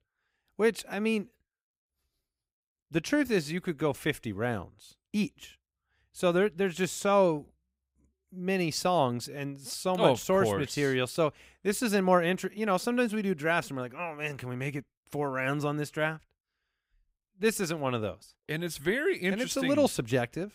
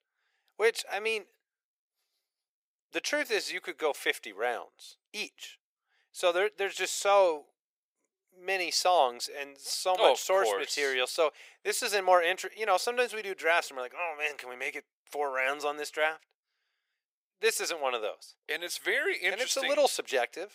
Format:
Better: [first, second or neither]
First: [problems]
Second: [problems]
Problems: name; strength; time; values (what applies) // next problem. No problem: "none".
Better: first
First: none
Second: thin; very; fading below 450 Hz